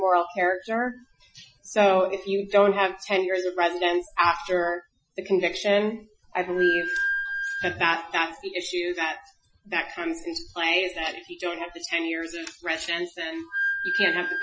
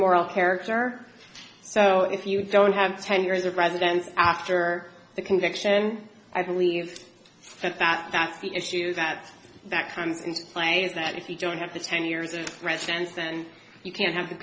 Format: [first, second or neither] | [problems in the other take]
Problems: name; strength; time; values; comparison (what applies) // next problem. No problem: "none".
second | noise reduction (classical method Wiener filter)